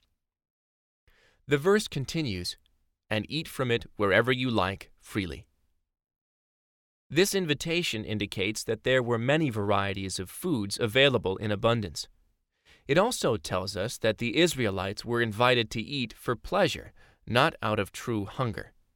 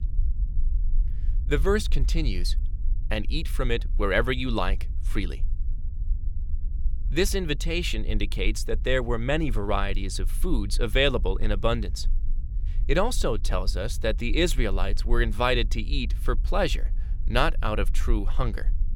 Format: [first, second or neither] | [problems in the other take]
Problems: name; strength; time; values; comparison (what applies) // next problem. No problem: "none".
first | low rumble; faint; throughout; 25 dB below the speech